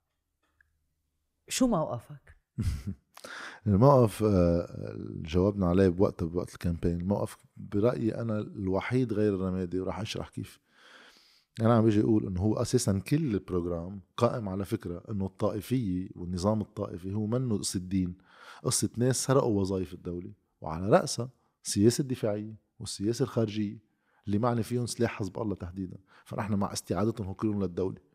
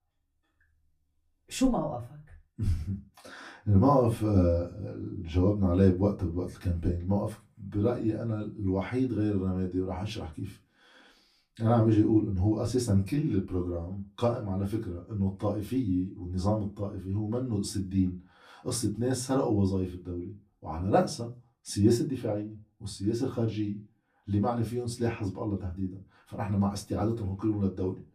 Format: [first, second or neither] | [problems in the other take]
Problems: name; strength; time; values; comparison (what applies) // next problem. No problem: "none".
first | off-mic speech; far // room echo; very slight; dies away in 0.2 s